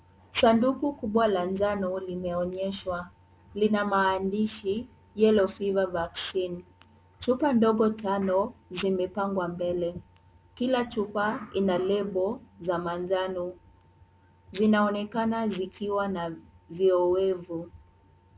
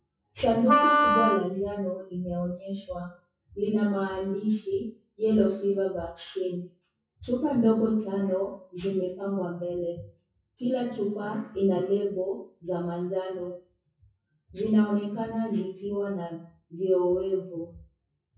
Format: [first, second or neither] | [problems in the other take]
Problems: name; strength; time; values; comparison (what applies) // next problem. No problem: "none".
first | noise reduction (classical method WPE with log-MMSE)